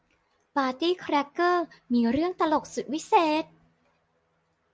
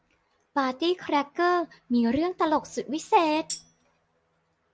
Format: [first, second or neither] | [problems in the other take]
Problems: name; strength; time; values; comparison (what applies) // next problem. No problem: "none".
first | background sound (Tambourine); 14 dB below the speech